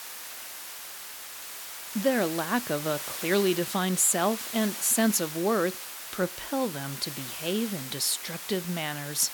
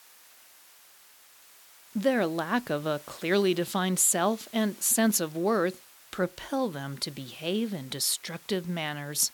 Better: second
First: hiss; loud; throughout; 8 dB below the speech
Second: hiss; faint; throughout; 20 dB below the speech

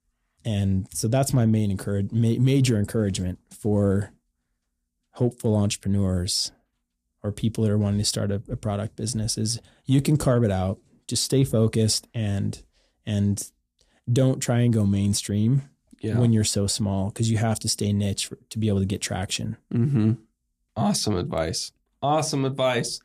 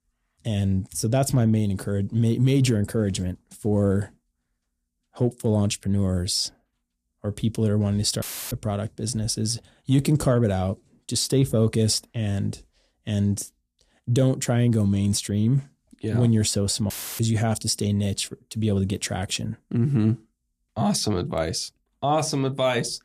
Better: first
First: none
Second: audio cutting out; filled with static; at 8 s and at 17 s

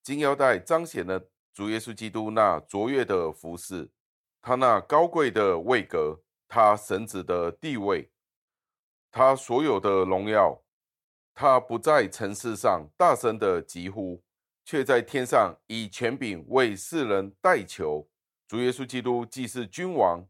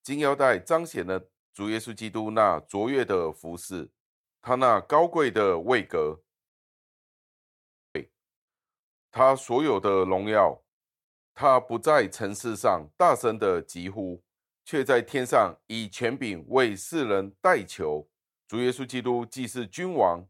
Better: first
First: none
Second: audio cutting out; at 6.5 s for 1.5 s

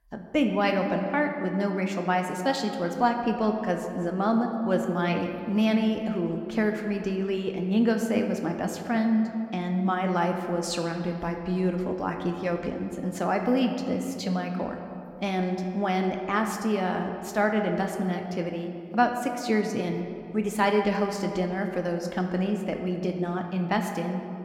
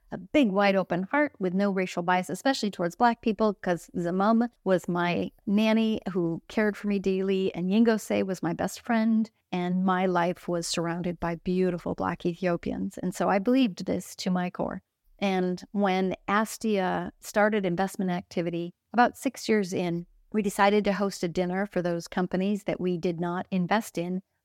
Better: second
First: room echo; slight; dies away in 2 s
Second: none

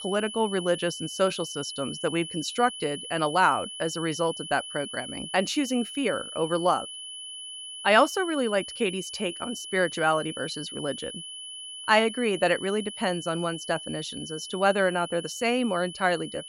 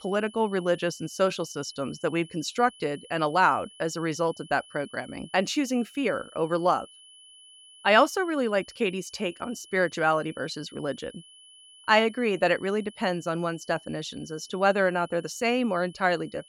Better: second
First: high-pitched whine; loud; throughout; 3 kHz, 10 dB below the speech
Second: high-pitched whine; faint; throughout; 3 kHz, 25 dB below the speech

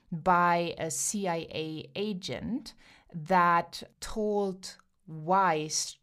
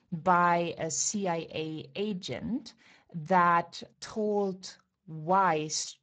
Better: first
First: none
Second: garbled, watery; badly; nothing above 7.5 kHz

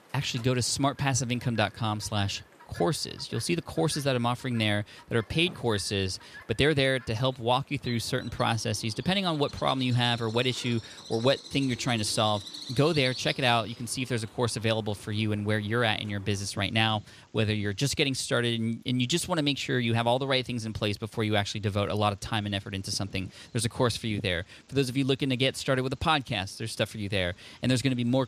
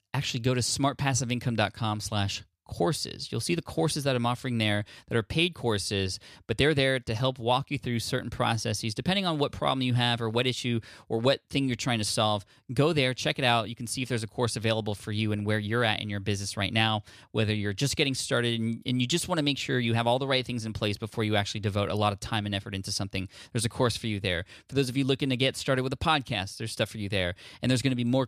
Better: second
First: animal sounds; noticeable; throughout; 20 dB below the speech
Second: none

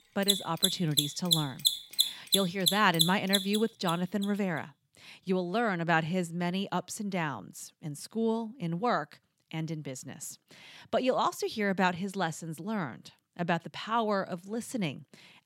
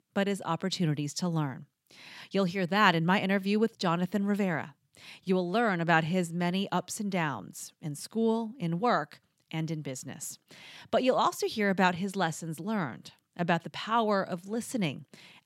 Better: second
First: machinery noise; very loud; until 4 s; 3 dB above the speech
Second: none

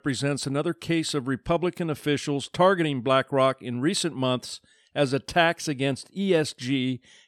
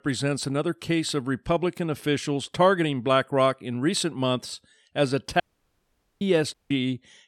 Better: first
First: none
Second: audio cutting out; at 5.5 s for 1 s and at 6.5 s

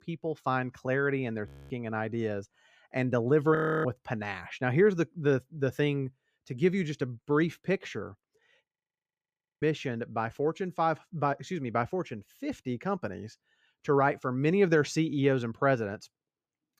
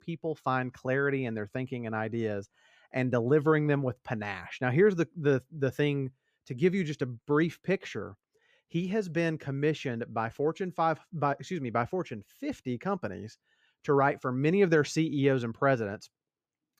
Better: second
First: audio freezing; at 1.5 s, at 3.5 s and at 8.5 s for 1 s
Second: none

